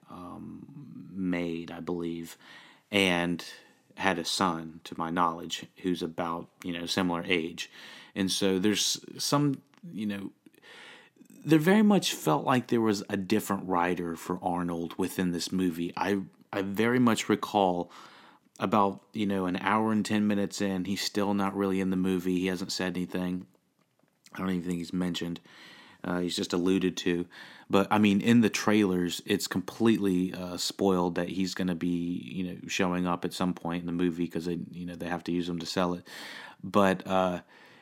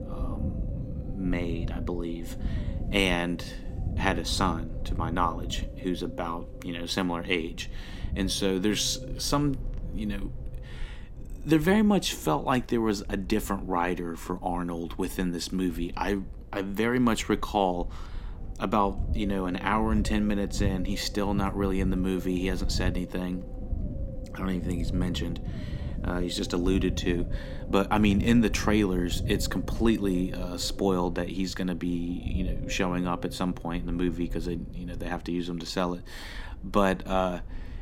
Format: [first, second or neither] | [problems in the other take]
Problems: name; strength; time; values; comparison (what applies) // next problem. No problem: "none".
first | low rumble; noticeable; throughout; 15 dB below the speech